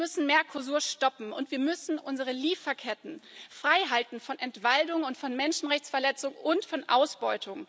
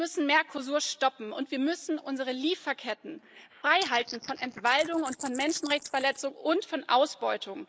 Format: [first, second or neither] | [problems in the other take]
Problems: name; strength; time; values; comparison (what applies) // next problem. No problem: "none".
first | noise reduction (neural mask model Resemble Enhance denoiser)